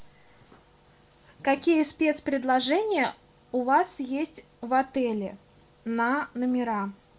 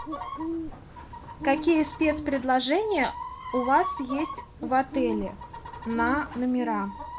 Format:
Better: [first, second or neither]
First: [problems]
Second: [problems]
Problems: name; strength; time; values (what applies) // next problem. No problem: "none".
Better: first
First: none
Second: background sound (Chicken, rooster + Bird); 8 dB below the speech